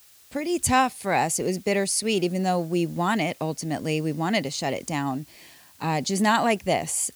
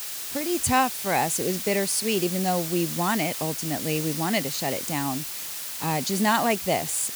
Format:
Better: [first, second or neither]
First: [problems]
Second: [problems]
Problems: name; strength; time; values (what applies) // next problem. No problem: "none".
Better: first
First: hiss; faint; throughout; 25 dB below the speech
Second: hiss; loud; throughout; 4 dB below the speech